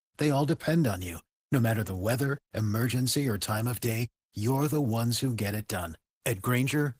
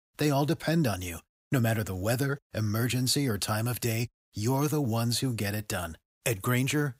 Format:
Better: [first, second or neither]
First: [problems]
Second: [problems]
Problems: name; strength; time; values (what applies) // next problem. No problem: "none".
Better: second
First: garbled, watery; slightly; nothing above 15.5 kHz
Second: none